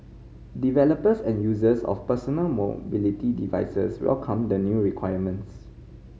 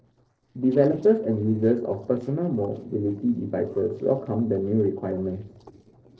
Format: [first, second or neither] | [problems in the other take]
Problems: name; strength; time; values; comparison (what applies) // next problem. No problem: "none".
first | noise reduction (neural separator model SepFormer DNS4)